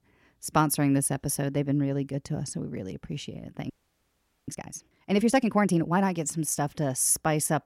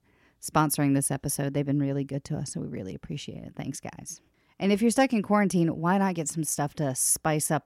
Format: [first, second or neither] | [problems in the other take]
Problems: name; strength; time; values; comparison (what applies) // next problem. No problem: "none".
second | audio freezing; at 3.5 s for 1 s